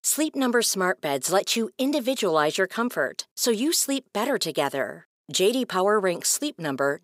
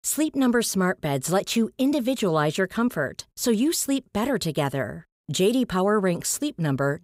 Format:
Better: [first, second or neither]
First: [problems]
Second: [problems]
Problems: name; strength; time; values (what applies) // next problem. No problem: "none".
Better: second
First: thin; very slightly; fading below 350 Hz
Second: none